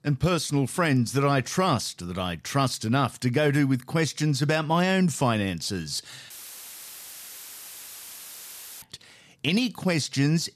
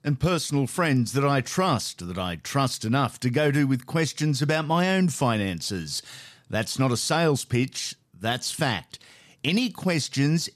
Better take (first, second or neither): second